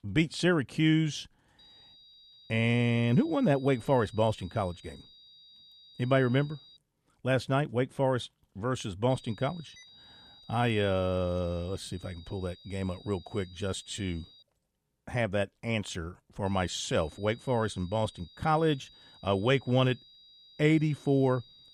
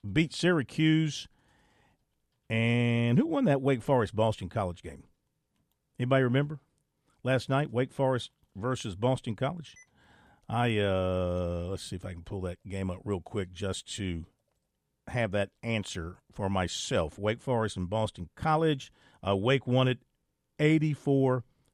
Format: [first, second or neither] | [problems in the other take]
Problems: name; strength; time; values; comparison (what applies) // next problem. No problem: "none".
second | high-pitched whine; faint; from 1.5 to 7 s, from 9 to 14 s and from 16 s on; 4 kHz, 25 dB below the speech